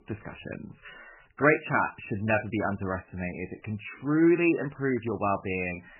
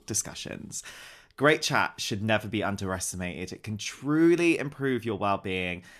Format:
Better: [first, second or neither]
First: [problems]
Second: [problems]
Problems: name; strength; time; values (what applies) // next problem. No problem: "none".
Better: second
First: garbled, watery; badly; nothing above 2.5 kHz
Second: none